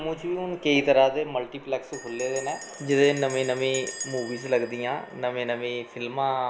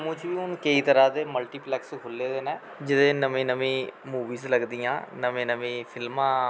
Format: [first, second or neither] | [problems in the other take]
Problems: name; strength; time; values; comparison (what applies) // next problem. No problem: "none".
second | background sound (Bell); 16 dB below the speech // room echo; dies away in 0.6 s